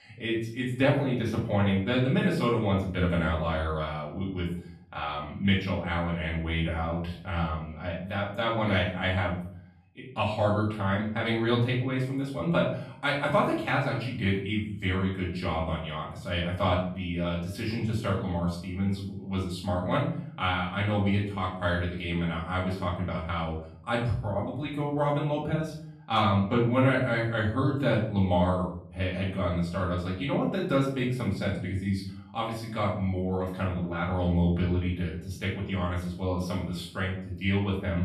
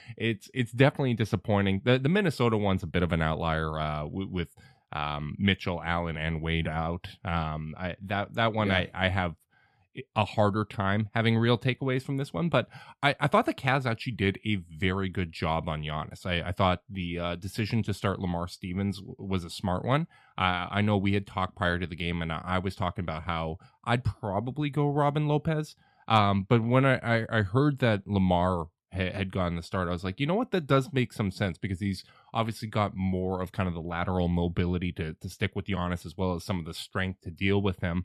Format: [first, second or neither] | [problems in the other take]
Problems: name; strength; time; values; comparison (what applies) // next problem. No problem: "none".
second | off-mic speech; far // room echo; noticeable; dies away in 0.5 s